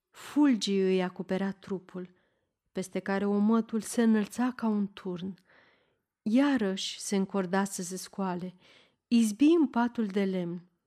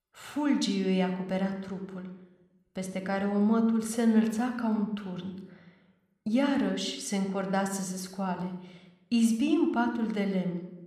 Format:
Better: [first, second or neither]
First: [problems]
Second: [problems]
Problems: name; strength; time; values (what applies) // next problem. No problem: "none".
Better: first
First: none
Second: room echo; slight; dies away in 0.7 s